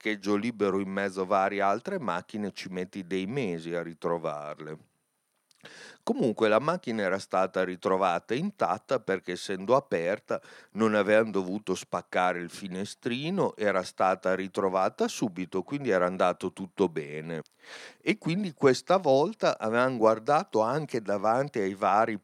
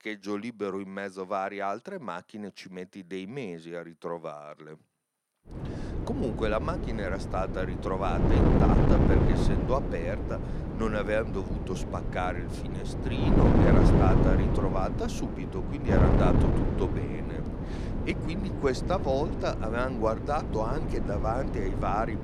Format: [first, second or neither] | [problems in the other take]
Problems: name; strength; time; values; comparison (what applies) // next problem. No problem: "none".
first | wind noise on the microphone; heavy; from 5.5 s on; 1 dB below the speech